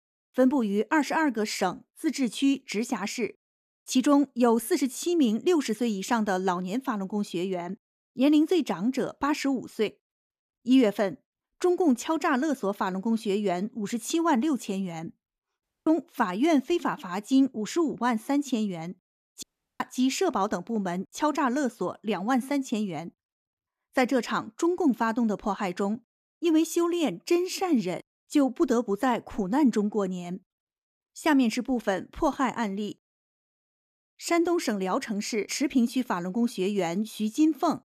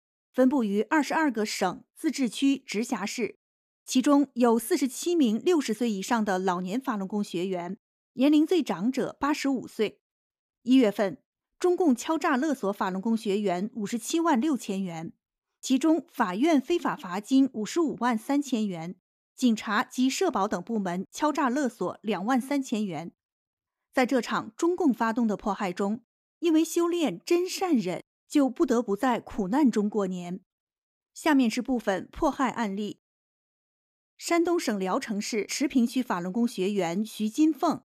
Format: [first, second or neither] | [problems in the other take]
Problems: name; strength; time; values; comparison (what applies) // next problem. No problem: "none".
second | audio cutting out; at 16 s and at 19 s